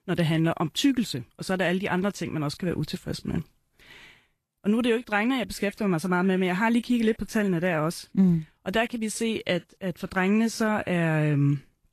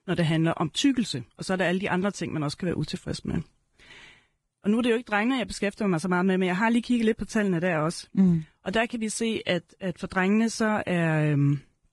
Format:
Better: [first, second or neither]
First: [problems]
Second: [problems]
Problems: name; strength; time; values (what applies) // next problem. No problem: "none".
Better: first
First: garbled, watery; slightly; nothing above 12.5 kHz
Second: garbled, watery; badly; nothing above 10.5 kHz